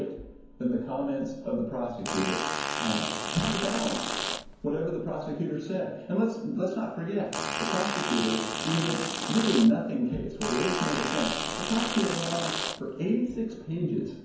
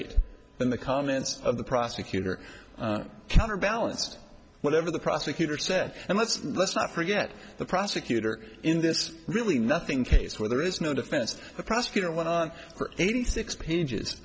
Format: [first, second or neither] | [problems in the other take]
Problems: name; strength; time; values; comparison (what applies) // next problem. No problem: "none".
second | background sound (Fart); 2 dB below the speech // room echo; dies away in 0.9 s